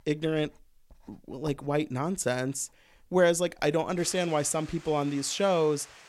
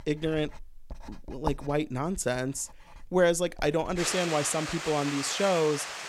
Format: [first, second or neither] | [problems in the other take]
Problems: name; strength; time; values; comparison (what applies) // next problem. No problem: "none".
first | household noises; loud; throughout; 6 dB below the speech; faint in the first